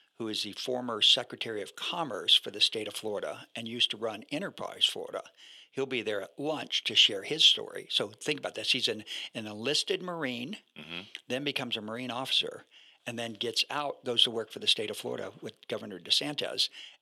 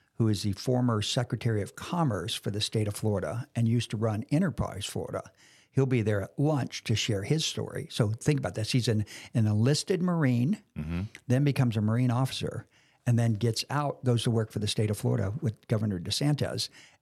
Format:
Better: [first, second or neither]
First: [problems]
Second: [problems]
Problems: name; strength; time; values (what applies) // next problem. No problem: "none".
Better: second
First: thin; somewhat; fading below 400 Hz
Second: none